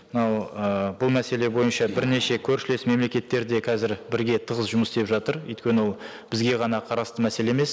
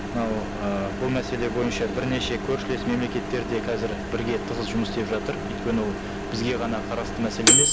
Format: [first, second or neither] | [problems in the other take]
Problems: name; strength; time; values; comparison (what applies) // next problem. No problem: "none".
first | background sound (Microwave oven); 1 dB above the speech